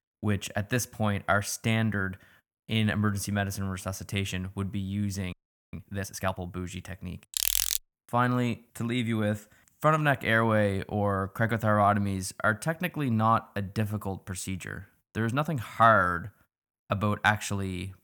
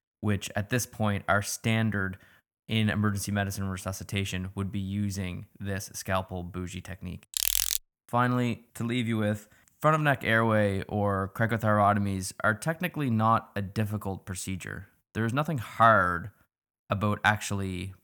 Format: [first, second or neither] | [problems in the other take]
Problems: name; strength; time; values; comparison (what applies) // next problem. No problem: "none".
second | audio freezing; at 5.5 s